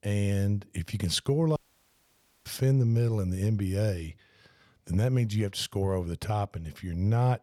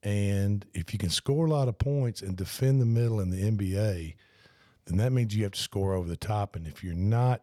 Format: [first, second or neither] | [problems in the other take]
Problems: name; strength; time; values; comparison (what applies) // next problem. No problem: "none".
second | audio cutting out; at 1.5 s for 1 s